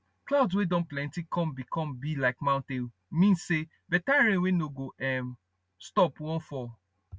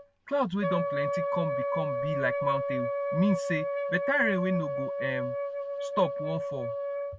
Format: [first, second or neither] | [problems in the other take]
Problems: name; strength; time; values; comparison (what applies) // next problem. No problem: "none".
first | background sound (Wind instrument, woodwind instrument); as loud as the speech